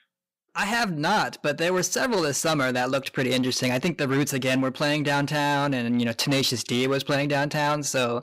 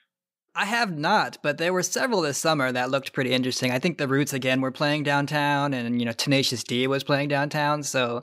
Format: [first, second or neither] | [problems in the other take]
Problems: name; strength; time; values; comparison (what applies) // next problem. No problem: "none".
second | distortion; slight; 11% of the sound clipped